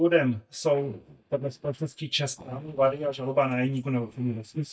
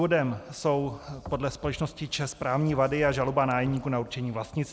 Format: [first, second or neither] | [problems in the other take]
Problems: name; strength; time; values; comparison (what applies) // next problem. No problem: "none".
second | noise reduction (neural mask model DeepFilterNet 3)